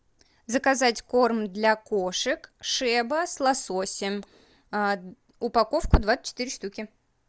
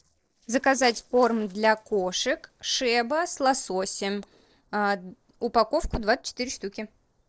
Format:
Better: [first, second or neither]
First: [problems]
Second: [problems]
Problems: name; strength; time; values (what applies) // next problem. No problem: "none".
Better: first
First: none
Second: noise reduction (neural separator model SepFormer DNS4)